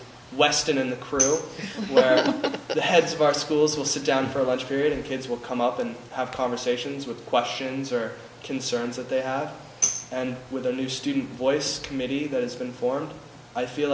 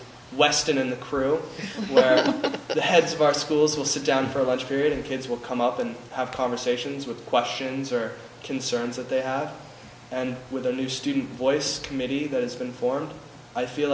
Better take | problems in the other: second | background sound (Tambourine); 6 dB below the speech

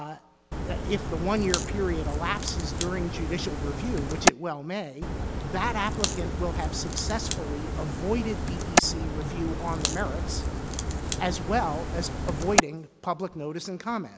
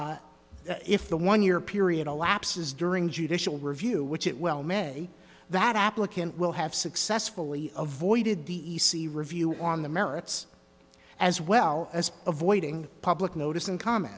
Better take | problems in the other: second | background sound (Crack); 3 dB above the speech

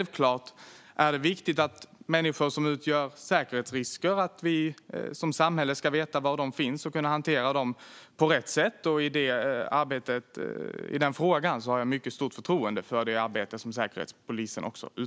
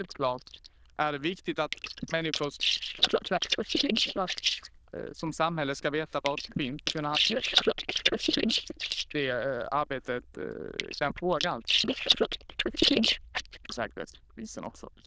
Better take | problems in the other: first | noise reduction (neural diffusion model UNIVERSE++)

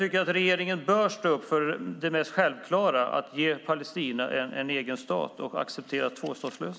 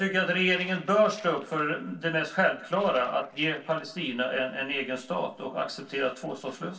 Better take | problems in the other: first | noise reduction (neural separator model SepFormer DNS4)

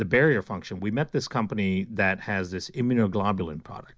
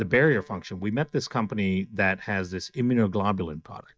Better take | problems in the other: first | noise reduction (neural mask model DeepFilterNet 3)

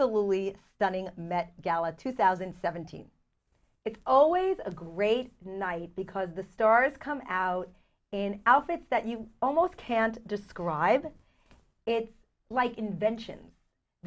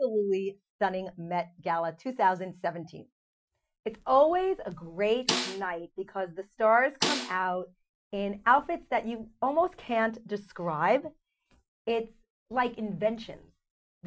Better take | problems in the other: first | noise reduction (classical method Wiener filter)

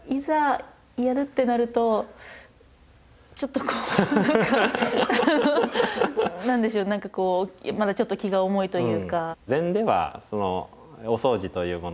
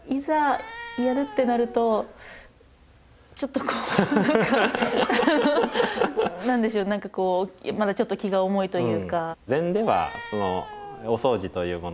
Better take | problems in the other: first | background sound (Cat); 16 dB below the speech

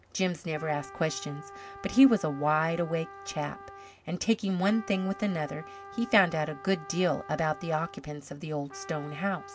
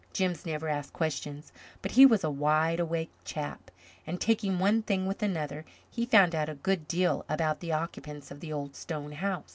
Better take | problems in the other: second | background sound (Trumpet); 17 dB below the speech

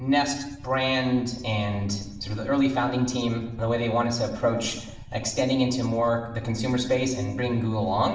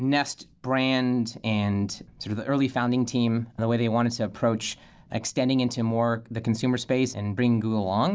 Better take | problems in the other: second | background sound (Idling / Motorcycle); 19 dB below the speech // room echo; dies away in 0.8 s

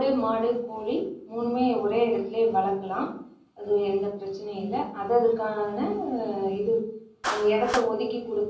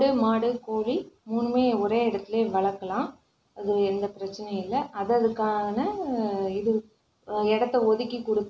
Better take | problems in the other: second | background sound (Clapping); 16 dB below the speech // room echo; dies away in 0.6 s

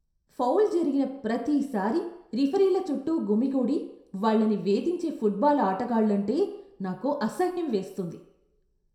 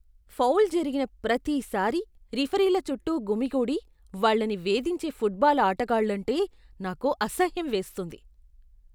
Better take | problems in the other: second | room echo; dies away in 0.6 s

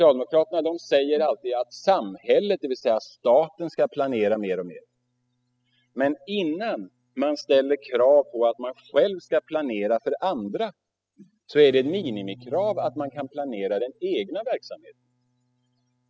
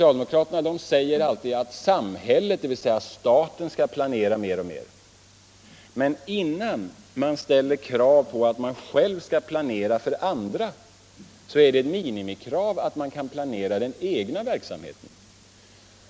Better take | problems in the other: second | noise reduction (classical method spectral subtraction)

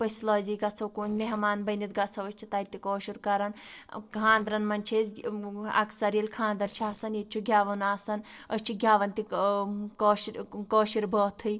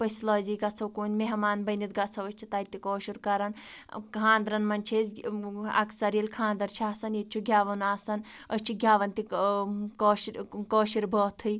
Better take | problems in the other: second | noise reduction (neural separator model SepFormer DNS4)

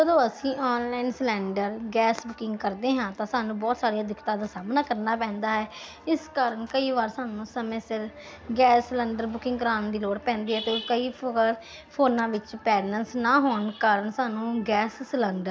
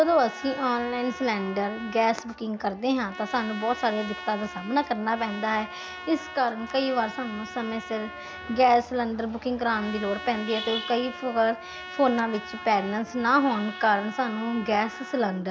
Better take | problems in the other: first | background sound (Trumpet); 14 dB below the speech

